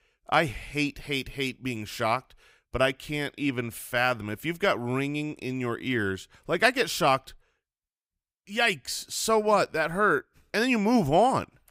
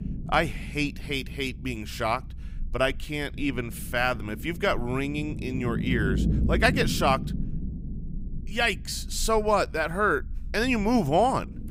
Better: first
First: none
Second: low rumble; noticeable; throughout; 15 dB below the speech

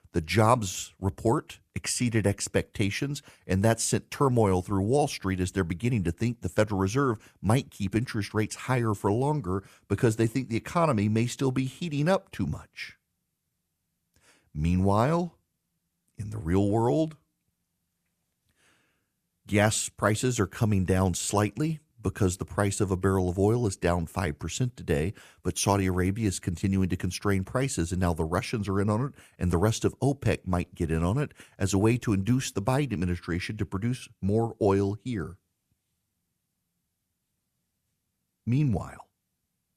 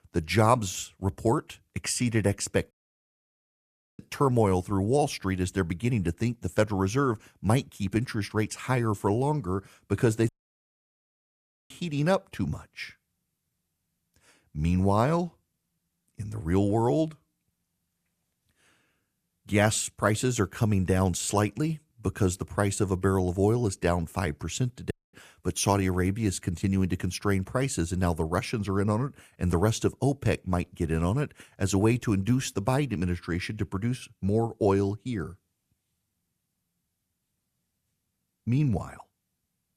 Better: first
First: none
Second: audio cutting out; at 2.5 s for 1.5 s, at 10 s for 1.5 s and at 25 s

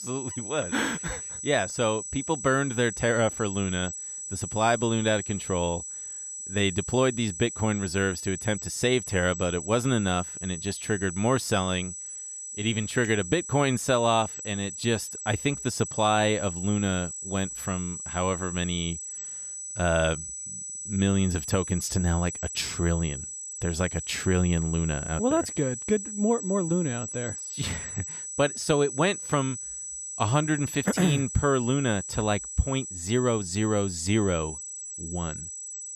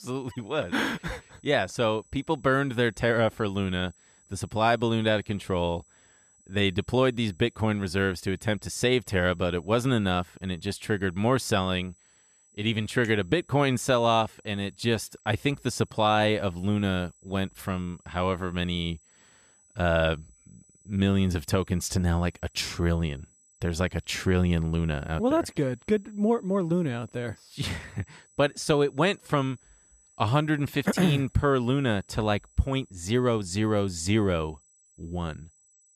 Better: second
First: high-pitched whine; loud; throughout; 8 kHz, 7 dB below the speech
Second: high-pitched whine; faint; throughout; 8 kHz, 30 dB below the speech

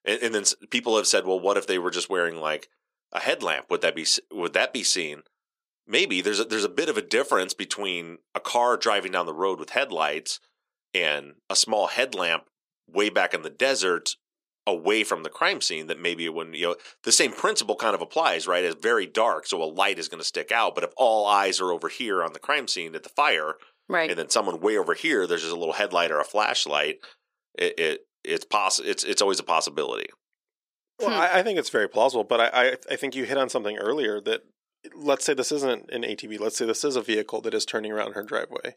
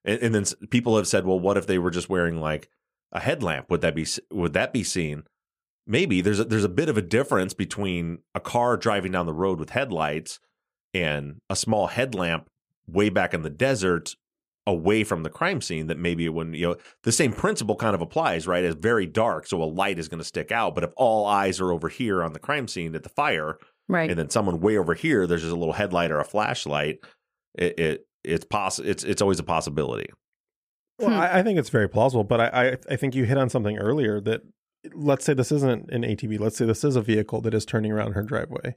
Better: second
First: thin; somewhat; fading below 350 Hz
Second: none

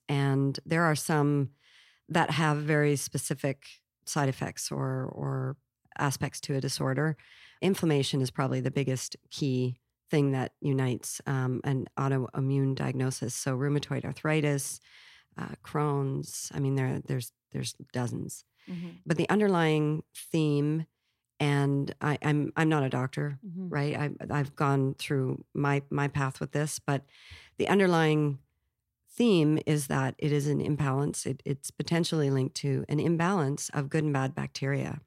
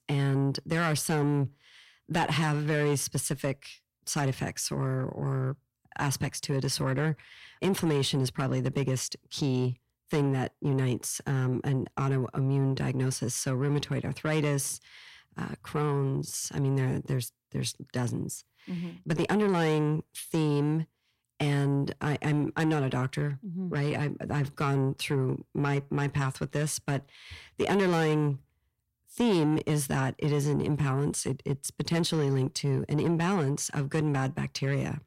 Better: first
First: none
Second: distortion; slight; 10 dB below the speech

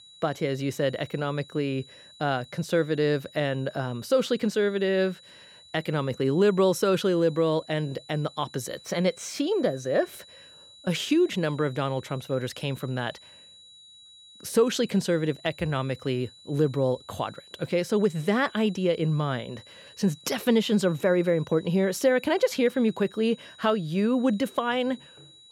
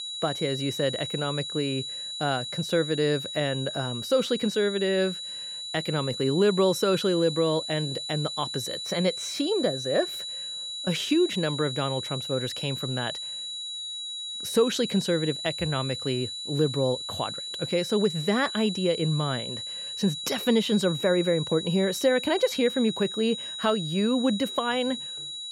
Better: first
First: high-pitched whine; faint; throughout; 4 kHz, 20 dB below the speech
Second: high-pitched whine; loud; throughout; 4 kHz, 6 dB below the speech

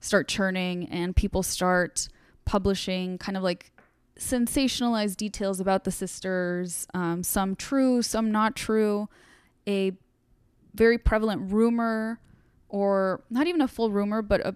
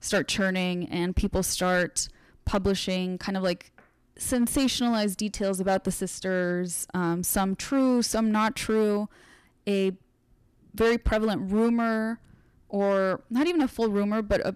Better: first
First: none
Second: distortion; slight; 6% of the sound clipped

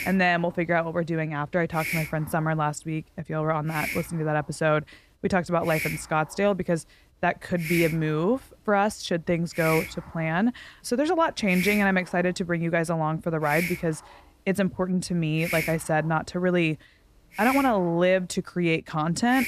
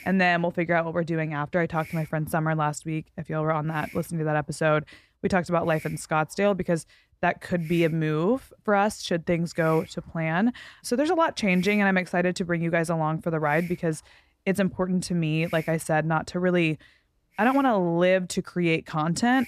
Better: second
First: hiss; loud; throughout; 7 dB below the speech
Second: hiss; faint; throughout; 20 dB below the speech

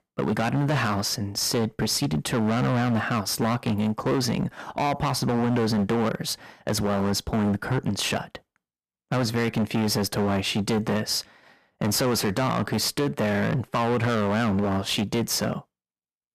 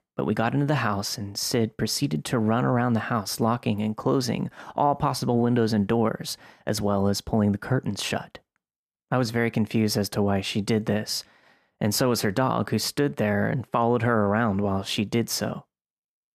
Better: second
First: distortion; heavy; 19% of the sound clipped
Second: none

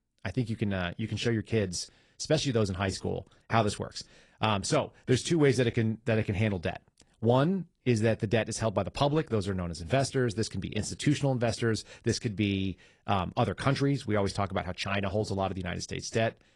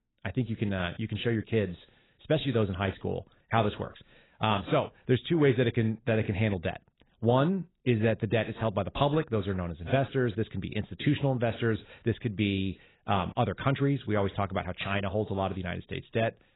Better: first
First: garbled, watery; slightly; nothing above 10 kHz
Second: garbled, watery; badly; nothing above 4 kHz

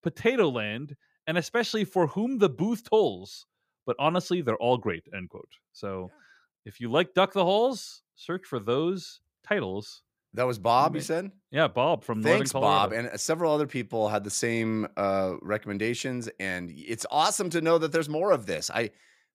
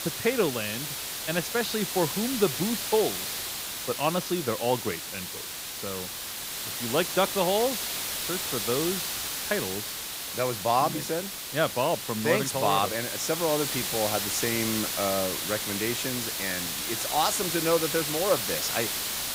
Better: first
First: none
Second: hiss; loud; throughout; 2 dB below the speech

